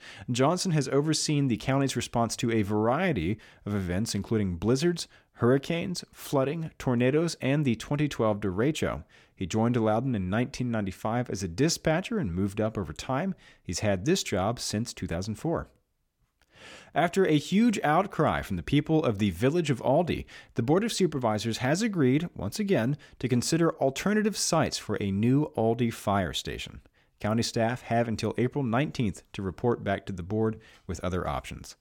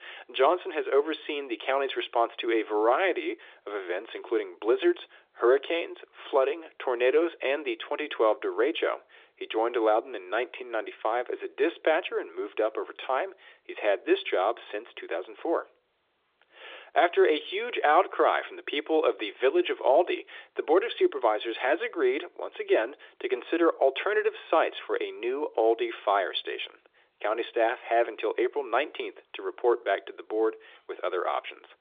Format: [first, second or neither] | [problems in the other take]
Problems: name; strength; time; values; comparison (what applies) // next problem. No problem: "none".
first | phone-call audio